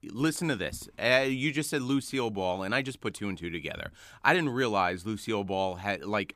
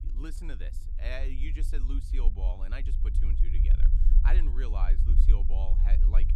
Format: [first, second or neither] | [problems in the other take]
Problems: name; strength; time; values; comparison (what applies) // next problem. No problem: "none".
first | low rumble; loud; throughout; 7 dB below the speech